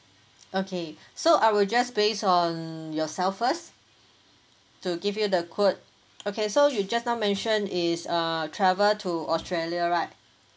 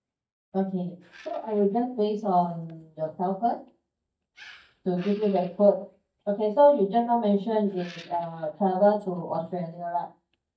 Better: first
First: none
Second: noise reduction (neural mask model DeepFilterNet 3)

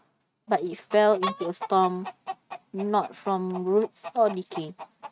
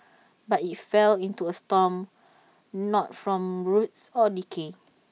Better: second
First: noise reduction (neural mask model RNNoise)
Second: none

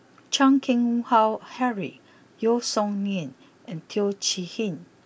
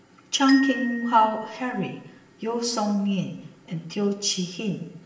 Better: first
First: none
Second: background sound (Glockenspiel); 13 dB below the speech // room echo; dies away in 0.8 s

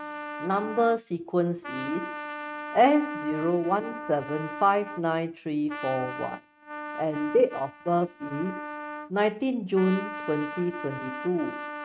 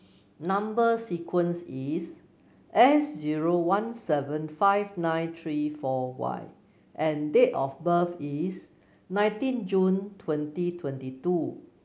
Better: second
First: noise reduction (neural mask model RNNoise)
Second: none

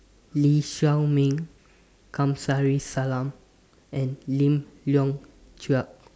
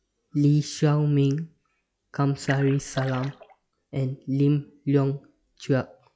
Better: first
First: none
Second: noise reduction (classical method log-MMSE)

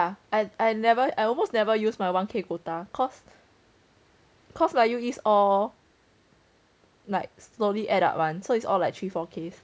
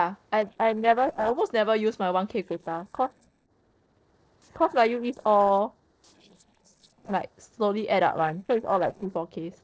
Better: first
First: none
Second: noise reduction (neural separator model SepFormer DNS4)

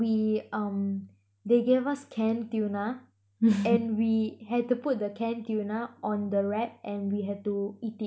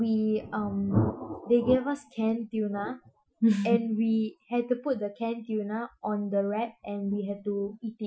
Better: first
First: none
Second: noise reduction (classical method Wiener filter)

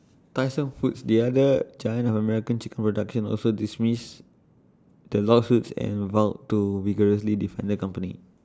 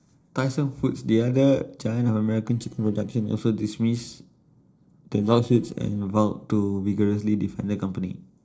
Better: first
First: none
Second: noise reduction (neural separator model SepFormer DNS4)

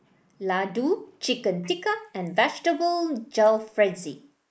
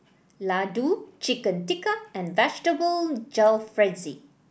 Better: second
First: noise reduction (neural mask model Resemble Enhance denoiser)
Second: none

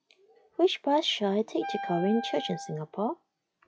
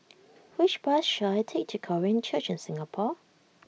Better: second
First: noise reduction (classical method log-MMSE)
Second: none

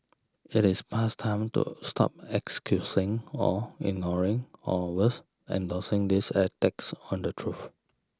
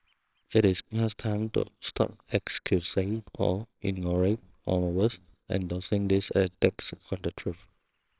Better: first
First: none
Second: noise reduction (neural separator model SepFormer WHAMR!)

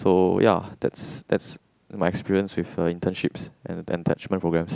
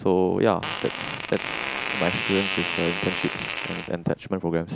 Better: first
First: none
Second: background sound (Fart); 4 dB below the speech

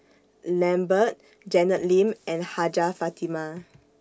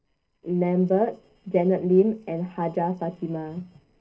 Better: first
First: none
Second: noise reduction (neural separator model SepFormer DNS4)

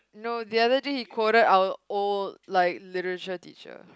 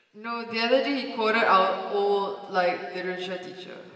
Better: first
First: none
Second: room echo; dies away in 2.6 s

